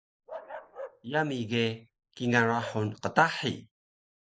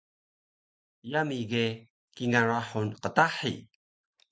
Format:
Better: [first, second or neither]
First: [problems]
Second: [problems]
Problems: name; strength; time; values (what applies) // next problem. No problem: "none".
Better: second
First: noise reduction (neural mask model Resemble Enhance denoiser)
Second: none